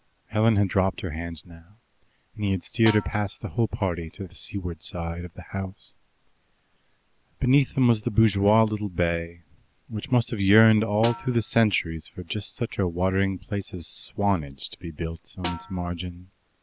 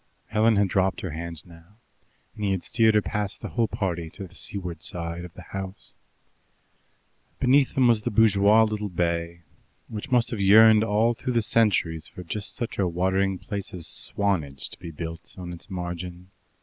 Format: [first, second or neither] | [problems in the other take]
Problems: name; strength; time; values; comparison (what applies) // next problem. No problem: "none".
second | background sound (Snare drum); 13 dB below the speech